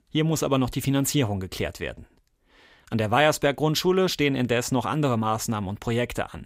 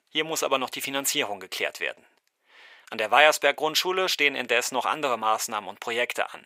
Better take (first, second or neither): first